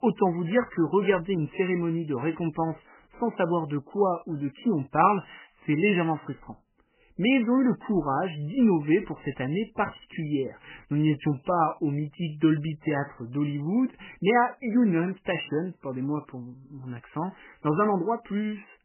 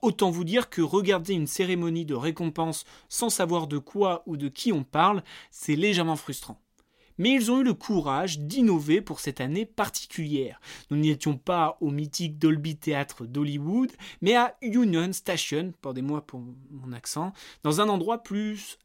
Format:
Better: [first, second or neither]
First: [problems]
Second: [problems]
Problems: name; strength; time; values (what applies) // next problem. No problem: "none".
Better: second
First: garbled, watery; badly; nothing above 3 kHz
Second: none